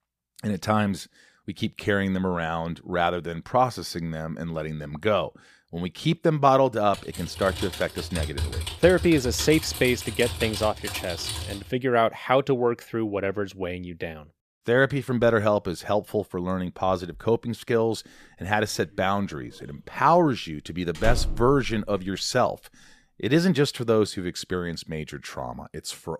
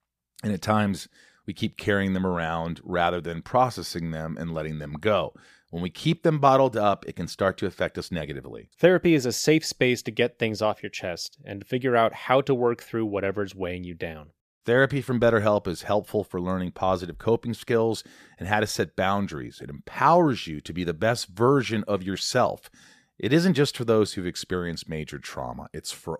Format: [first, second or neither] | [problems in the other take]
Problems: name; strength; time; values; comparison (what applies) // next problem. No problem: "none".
second | keyboard typing; noticeable; from 7 to 12 s; peak 5 dB below the speech // door banging; noticeable; at 21 s; peak 5 dB below the speech